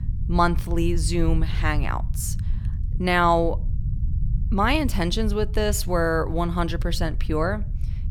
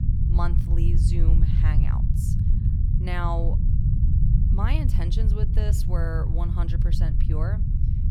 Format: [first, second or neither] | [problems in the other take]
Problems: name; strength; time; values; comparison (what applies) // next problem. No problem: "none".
first | low rumble; loud; throughout; 3 dB below the speech; faint in the first